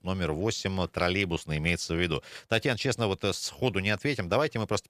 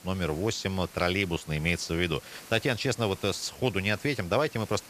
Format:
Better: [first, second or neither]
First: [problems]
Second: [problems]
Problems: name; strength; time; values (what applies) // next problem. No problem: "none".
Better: first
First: none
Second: hiss; noticeable; throughout; 20 dB below the speech